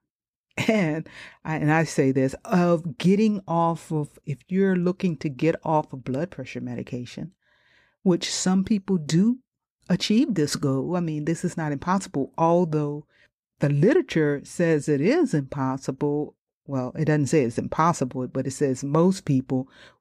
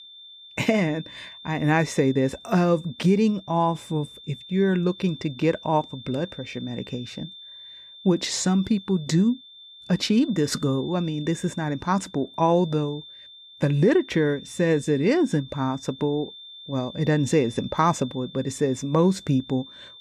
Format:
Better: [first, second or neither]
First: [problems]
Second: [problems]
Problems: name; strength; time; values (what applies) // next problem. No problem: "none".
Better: first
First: none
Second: high-pitched whine; noticeable; throughout; 3.5 kHz, 20 dB below the speech